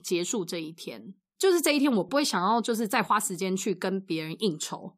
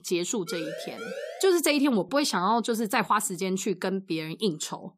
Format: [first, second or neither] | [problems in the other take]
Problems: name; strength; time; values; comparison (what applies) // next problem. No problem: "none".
first | siren; faint; until 1.5 s; peak 10 dB below the speech